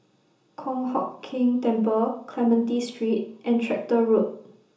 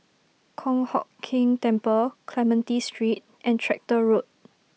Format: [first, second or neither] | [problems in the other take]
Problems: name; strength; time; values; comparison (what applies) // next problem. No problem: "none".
second | room echo; dies away in 0.6 s